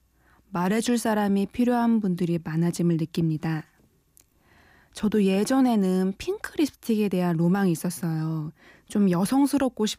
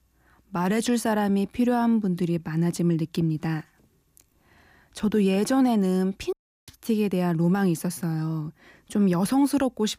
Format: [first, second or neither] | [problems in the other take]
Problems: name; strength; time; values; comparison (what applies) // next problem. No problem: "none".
first | audio cutting out; at 6.5 s